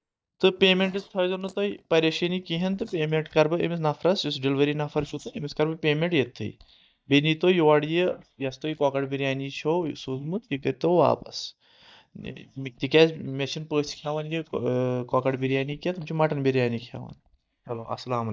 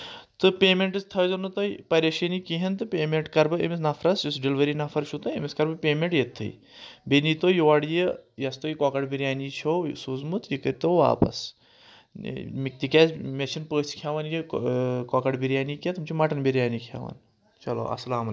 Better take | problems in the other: second | noise reduction (neural mask model DeepFilterNet 3)

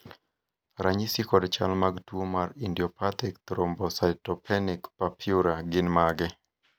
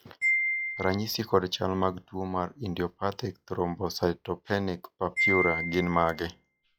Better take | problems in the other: first | noise reduction (classical method log-MMSE)

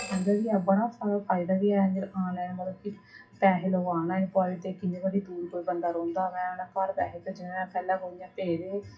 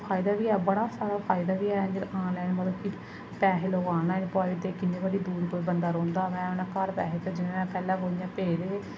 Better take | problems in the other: second | noise reduction (classical method WPE with log-MMSE)

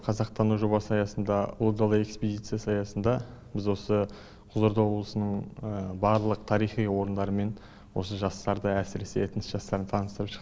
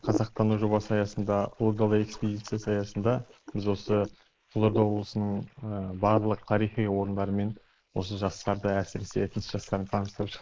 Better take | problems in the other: first | noise reduction (neural mask model Resemble Enhance denoiser)

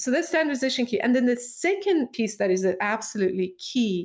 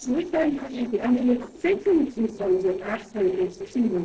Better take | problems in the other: first | noise reduction (neural separator model SepFormer DNS4)

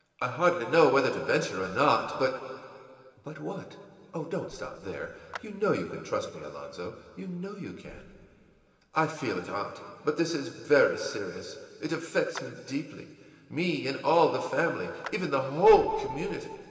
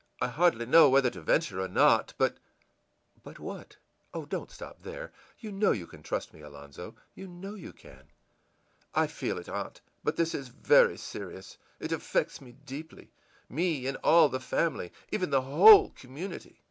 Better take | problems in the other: second | background sound (Clapping); 20 dB below the speech // room echo; dies away in 2.3 s

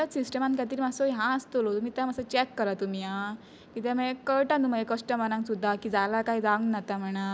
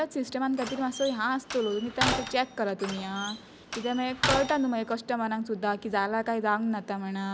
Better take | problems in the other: first | background sound (Slam); 5 dB below the speech

